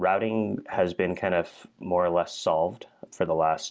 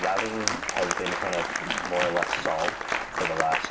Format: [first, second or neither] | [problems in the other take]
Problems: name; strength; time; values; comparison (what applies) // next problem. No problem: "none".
first | background sound (Applause); 1 dB above the speech // room echo; dies away in 0.2 s